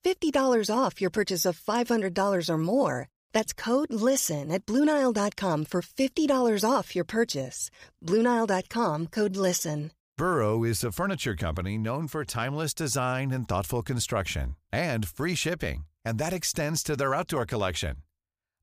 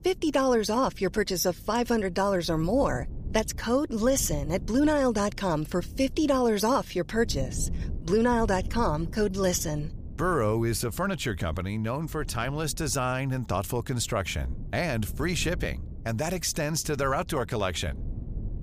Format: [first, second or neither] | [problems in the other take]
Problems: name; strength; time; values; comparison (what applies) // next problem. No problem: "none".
first | wind noise on the microphone; occasional gusts; 25 dB below the speech